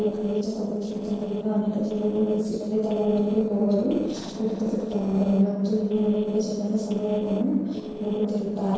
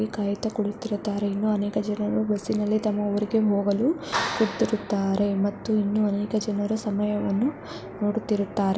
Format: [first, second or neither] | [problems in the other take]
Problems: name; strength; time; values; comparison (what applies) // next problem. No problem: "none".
second | noise reduction (neural separator model SepFormer DNS4)